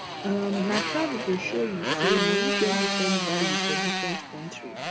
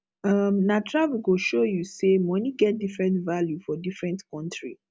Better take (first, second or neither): second